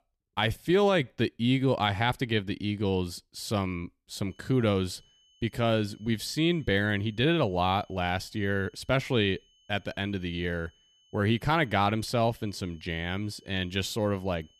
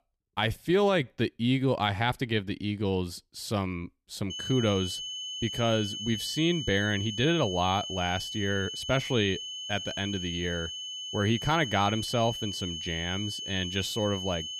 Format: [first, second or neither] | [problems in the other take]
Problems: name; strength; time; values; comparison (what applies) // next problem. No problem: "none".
first | high-pitched whine; loud; from 4.5 s on; 3 kHz, 5 dB below the speech; faint in the first